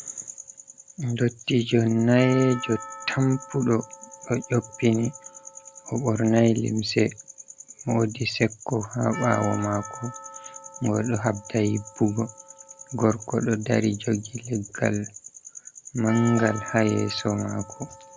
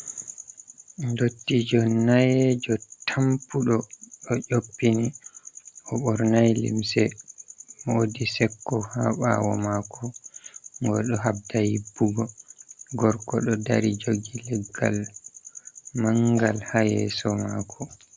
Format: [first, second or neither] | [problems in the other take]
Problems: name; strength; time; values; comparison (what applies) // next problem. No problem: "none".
second | background sound (Percussion); 18 dB below the speech